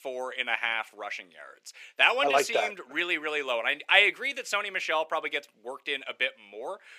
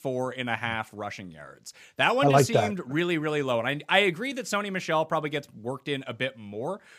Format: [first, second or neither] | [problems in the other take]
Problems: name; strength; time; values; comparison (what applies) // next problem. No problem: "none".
second | thin; very; fading below 400 Hz